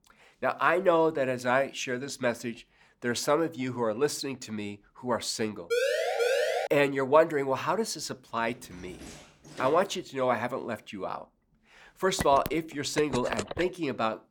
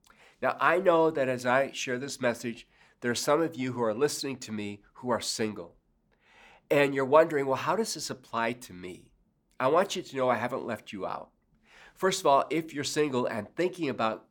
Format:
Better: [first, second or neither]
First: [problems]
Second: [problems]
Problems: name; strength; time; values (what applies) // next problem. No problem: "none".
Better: second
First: siren; loud; at 5.5 s; peak 2 dB above the speech // door banging; faint; from 8.5 to 10 s; peak 15 dB below the speech // phone ringing; noticeable; from 12 to 14 s; peak 6 dB below the speech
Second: none